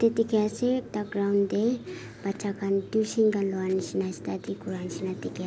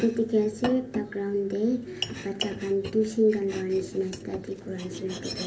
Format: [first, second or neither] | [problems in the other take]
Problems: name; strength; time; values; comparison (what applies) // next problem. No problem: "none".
first | background sound (Domestic sounds, home sounds); 11 dB below the speech // room echo; dies away in 0.3 s